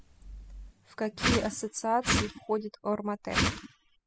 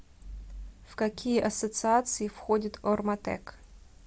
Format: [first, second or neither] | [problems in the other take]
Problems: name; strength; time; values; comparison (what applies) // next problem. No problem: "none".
second | noise reduction (classical method spectral subtraction)